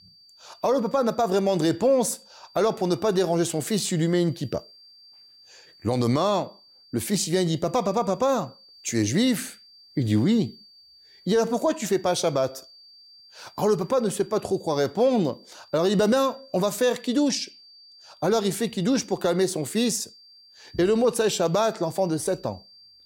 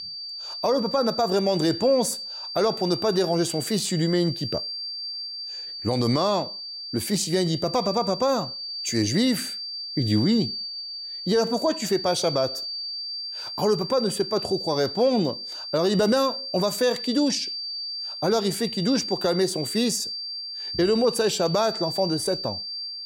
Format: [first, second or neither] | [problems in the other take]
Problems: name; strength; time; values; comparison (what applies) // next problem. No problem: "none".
first | high-pitched whine; loud; throughout; 4.5 kHz, 6 dB below the speech; faint in the first